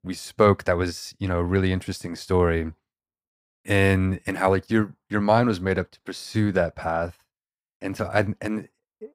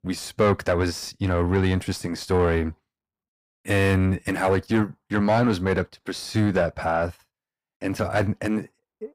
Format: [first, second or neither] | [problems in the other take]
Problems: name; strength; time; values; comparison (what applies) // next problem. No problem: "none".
first | distortion; slight; 10 dB below the speech